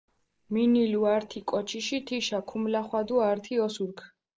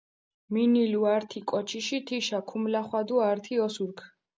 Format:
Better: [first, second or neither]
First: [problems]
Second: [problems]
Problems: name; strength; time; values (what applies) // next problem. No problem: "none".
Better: second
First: noise reduction (neural separator model SepFormer DNS4)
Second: none